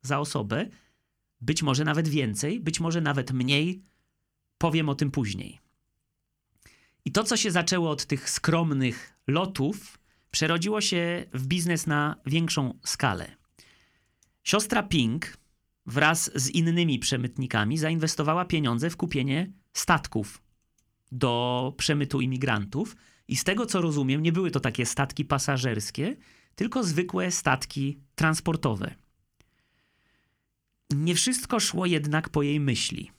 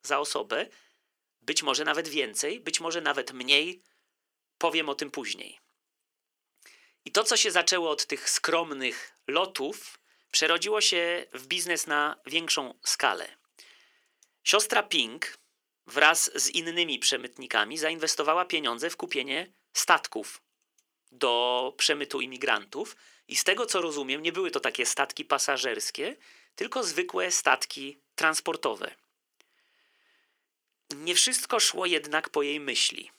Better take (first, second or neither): first